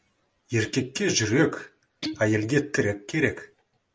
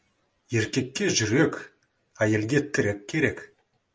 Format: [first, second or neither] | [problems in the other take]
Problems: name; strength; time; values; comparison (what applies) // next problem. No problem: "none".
second | background sound (Guitar); 14 dB below the speech